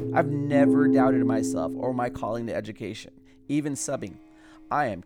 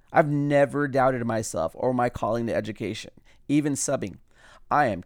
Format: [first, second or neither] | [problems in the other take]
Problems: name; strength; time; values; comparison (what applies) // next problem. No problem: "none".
second | background music; very loud; throughout; 4 dB above the speech